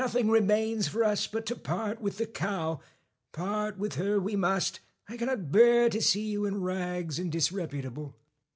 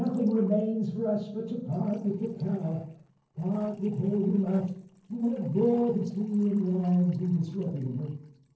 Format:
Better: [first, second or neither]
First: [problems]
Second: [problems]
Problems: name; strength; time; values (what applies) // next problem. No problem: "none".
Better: first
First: none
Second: noise reduction (neural separator model SepFormer DNS4)